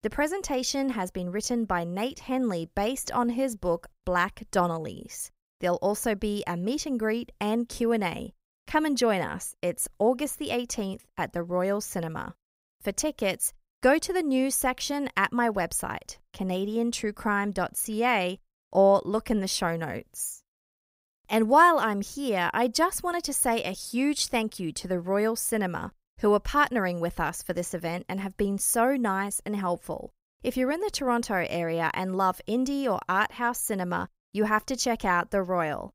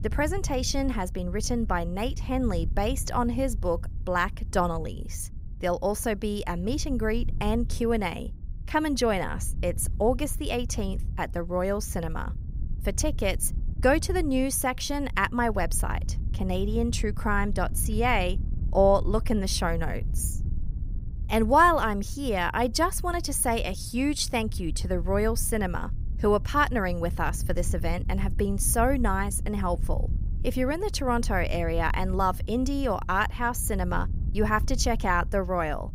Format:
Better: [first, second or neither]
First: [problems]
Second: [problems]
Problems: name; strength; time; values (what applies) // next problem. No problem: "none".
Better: first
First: none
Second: wind noise on the microphone; occasional gusts; 25 dB below the speech